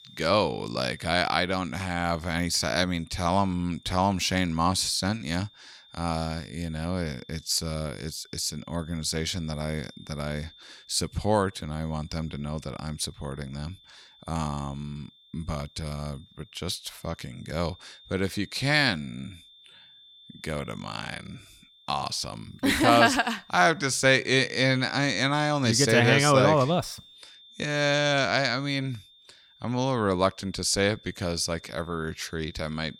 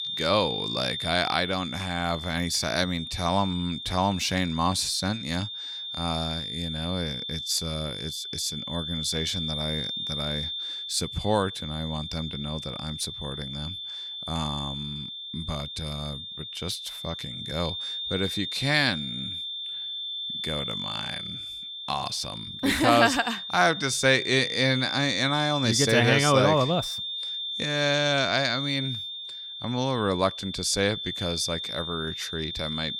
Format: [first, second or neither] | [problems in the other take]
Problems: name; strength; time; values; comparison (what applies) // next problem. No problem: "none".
first | high-pitched whine; loud; throughout; 3.5 kHz, 5 dB below the speech; faint in the first